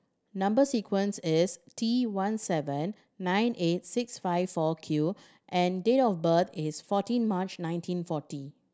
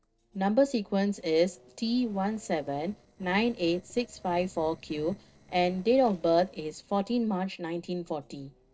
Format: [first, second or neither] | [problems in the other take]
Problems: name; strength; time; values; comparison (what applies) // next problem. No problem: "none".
first | noise reduction (neural separator model SepFormer DNS4)